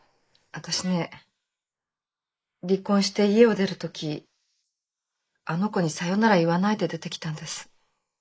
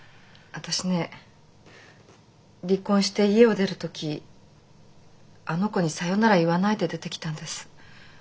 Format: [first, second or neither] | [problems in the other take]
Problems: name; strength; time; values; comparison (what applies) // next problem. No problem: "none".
second | noise reduction (neural mask model Resemble Enhance denoiser)